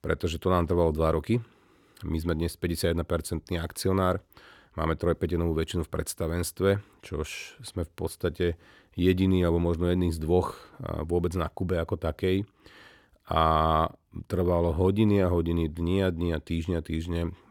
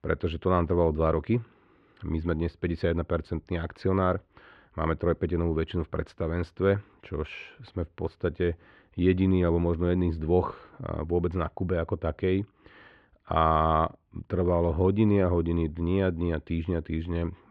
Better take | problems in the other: first | muffled; slightly; fading above 2.5 kHz

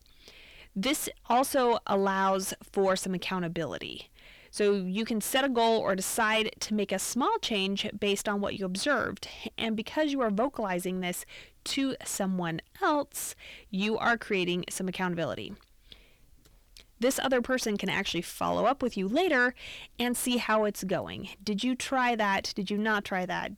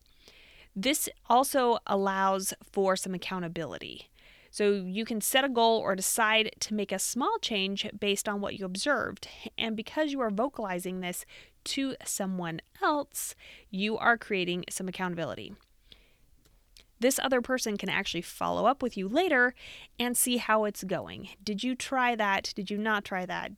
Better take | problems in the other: second | distortion; slight; 10 dB below the speech

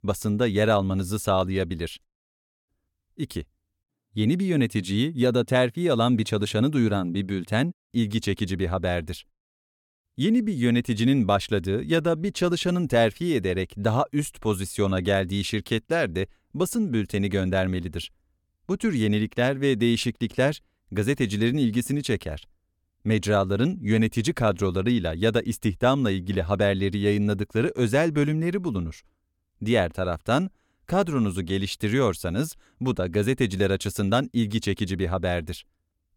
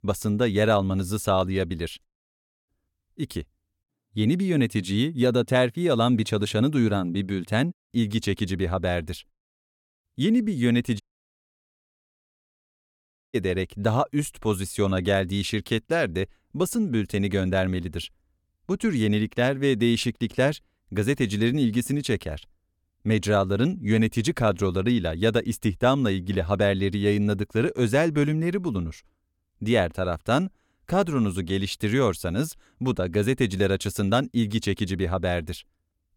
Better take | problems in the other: first | audio cutting out; at 11 s for 2.5 s

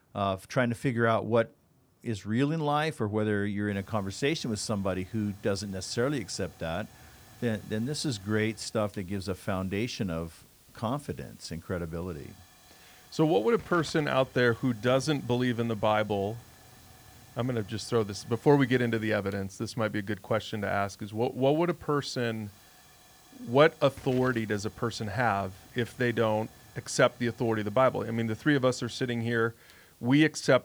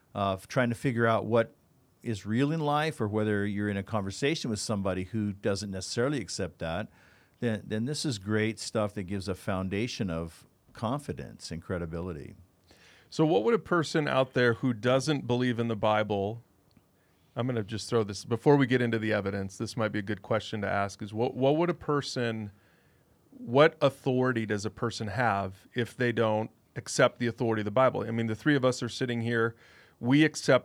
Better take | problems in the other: second | hiss; faint; from 3.5 s on; 25 dB below the speech

